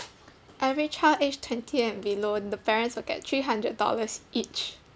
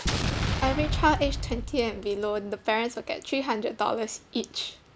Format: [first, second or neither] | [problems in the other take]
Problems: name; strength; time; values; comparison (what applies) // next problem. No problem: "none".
first | background sound (Explosion); 2 dB below the speech